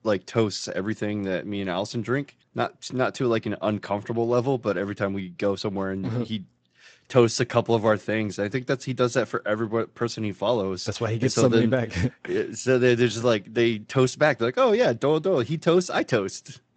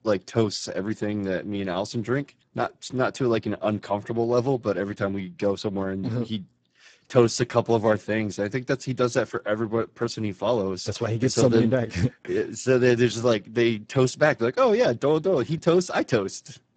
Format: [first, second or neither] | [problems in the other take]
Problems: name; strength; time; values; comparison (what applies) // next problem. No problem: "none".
first | garbled, watery; badly; nothing above 7.5 kHz; slightly in the first